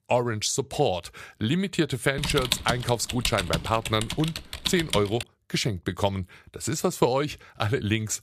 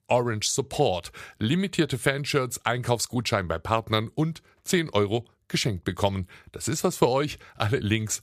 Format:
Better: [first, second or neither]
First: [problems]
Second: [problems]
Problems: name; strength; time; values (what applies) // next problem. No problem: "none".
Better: second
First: keyboard typing; loud; from 2 to 5 s; peak level with the speech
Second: none